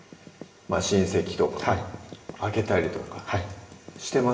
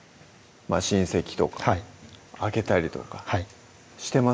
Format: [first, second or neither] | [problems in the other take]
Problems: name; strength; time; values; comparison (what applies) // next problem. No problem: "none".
second | background sound (Typing); 20 dB below the speech // room echo; dies away in 0.8 s